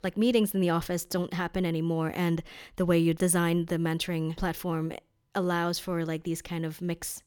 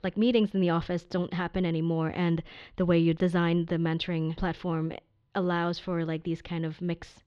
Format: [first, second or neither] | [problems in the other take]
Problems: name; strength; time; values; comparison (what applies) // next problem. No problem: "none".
first | muffled; very slightly; fading above 4 kHz